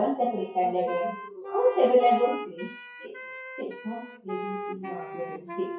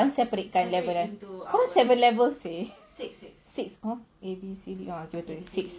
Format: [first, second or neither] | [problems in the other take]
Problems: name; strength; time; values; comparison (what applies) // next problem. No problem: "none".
second | noise reduction (classical method WPE with log-MMSE)